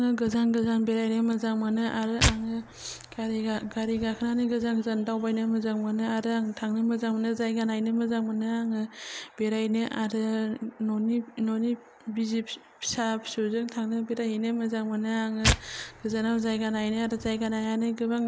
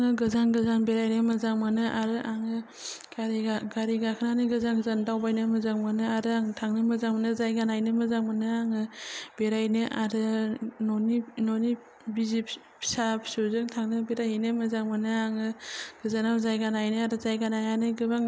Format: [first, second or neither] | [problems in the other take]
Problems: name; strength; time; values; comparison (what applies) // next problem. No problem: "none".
second | background sound (Tearing); 5 dB below the speech